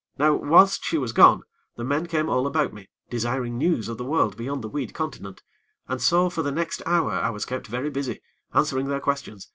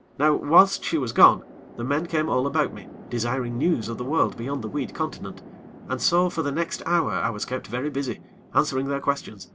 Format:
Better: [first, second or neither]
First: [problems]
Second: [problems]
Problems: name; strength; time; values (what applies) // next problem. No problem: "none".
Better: first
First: none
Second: background sound (Chatter / Traffic noise, roadway noise / Train); 19 dB below the speech